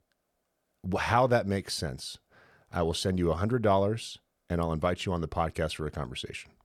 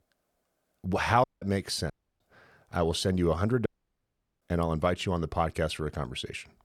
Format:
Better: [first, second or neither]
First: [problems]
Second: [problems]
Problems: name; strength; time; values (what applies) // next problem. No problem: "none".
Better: first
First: none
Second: audio cutting out; at 1 s, at 2 s and at 3.5 s for 1 s